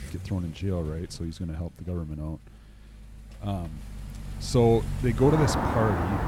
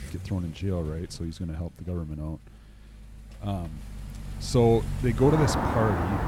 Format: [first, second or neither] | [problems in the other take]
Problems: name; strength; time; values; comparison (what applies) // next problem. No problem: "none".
neither | traffic noise; loud; throughout; 5 dB below the speech; the same in both